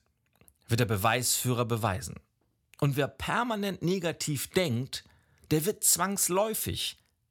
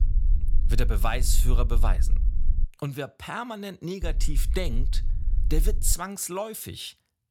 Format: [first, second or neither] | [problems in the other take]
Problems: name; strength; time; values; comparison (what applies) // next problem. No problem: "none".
first | low rumble; noticeable; until 2.5 s and from 4 to 6 s; 15 dB below the speech